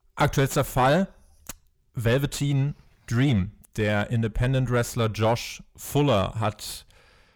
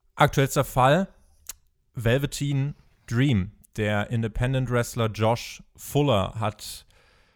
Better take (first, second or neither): second